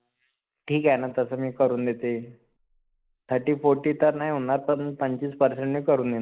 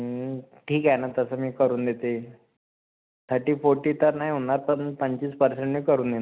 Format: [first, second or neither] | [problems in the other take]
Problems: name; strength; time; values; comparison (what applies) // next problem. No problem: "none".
second | noise reduction (neural mask model Resemble Enhance denoiser)